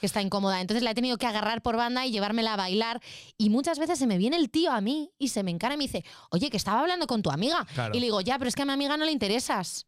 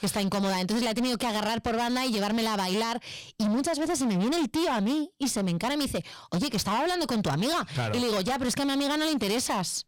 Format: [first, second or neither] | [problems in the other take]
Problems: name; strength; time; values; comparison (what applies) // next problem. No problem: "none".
first | distortion; heavy; 29% of the sound clipped